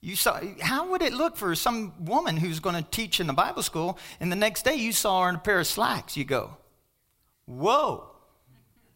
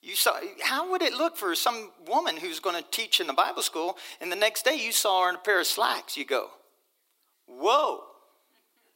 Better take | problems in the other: first | thin; somewhat; fading below 300 Hz

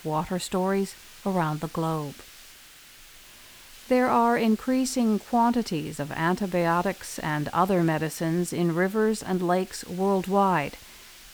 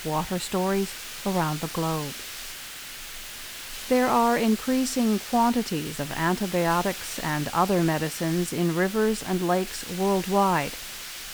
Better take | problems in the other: first | hiss; loud; throughout; 9 dB below the speech; faint in the first

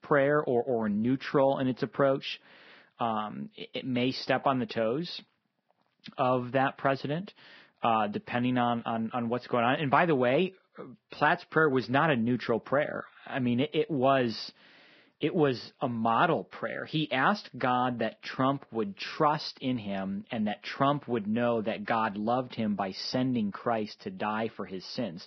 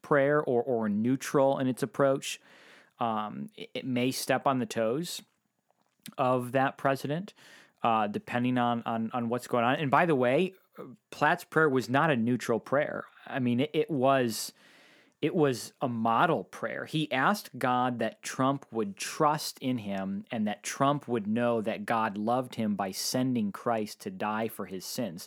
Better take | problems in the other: second | garbled, watery; badly; nothing above 5.5 kHz

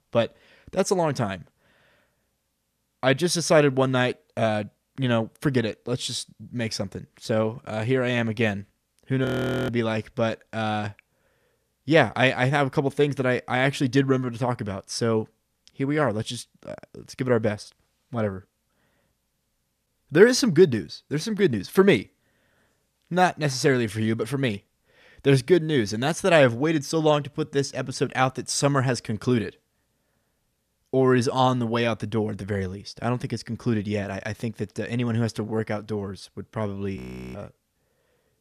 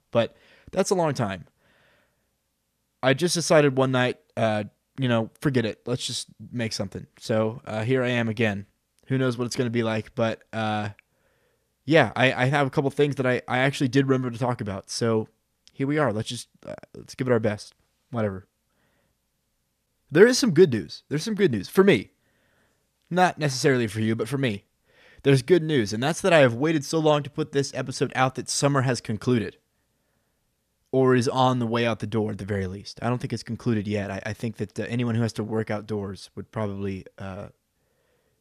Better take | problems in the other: second | audio freezing; at 9.5 s and at 37 s

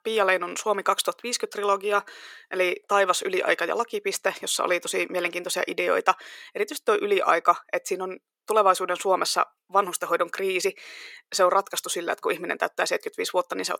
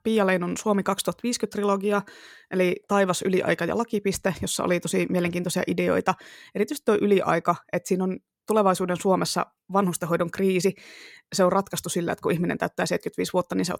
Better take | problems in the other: second | thin; very; fading below 400 Hz

